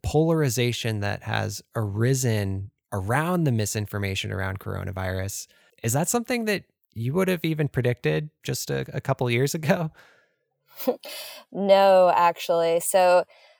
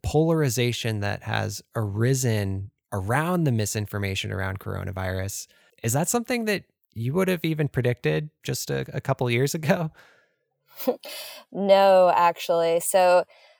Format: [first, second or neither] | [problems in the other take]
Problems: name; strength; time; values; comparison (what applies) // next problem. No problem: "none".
neither | none